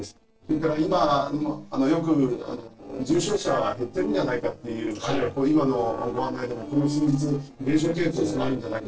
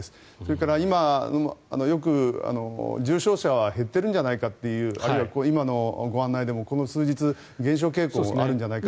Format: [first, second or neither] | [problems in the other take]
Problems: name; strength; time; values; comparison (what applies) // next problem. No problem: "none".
second | noise reduction (neural separator model SepFormer DNS4)